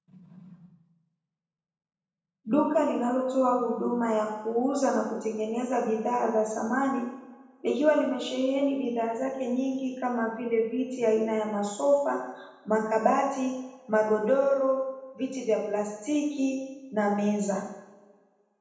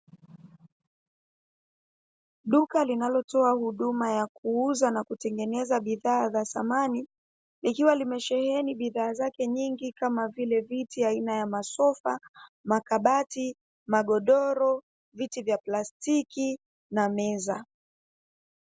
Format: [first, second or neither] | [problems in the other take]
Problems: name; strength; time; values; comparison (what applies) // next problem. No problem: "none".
second | room echo; dies away in 0.9 s